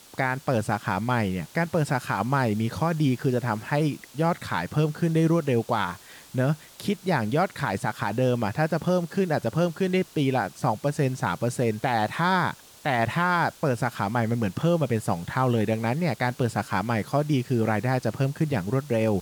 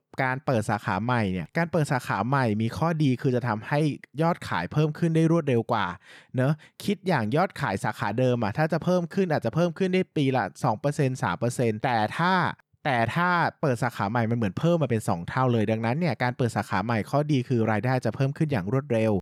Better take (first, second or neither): second